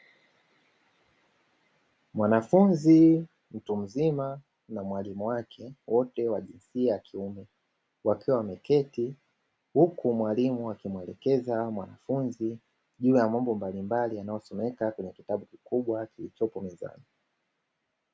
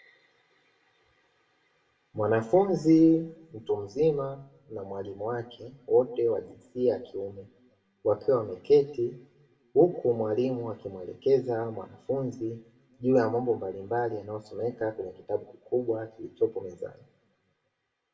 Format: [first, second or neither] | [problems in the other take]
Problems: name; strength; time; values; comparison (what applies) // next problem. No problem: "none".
first | room echo; dies away in 0.6 s